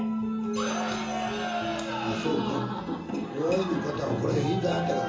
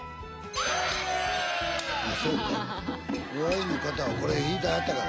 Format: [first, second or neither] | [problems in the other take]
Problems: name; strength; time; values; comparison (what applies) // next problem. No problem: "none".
second | background sound (Bass guitar); 8 dB below the speech // room echo; dies away in 0.8 s